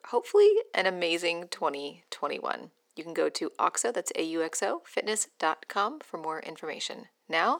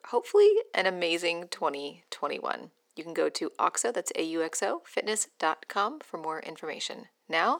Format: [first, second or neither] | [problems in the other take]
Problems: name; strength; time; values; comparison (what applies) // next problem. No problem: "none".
neither | thin; very; fading below 350 Hz; the same in both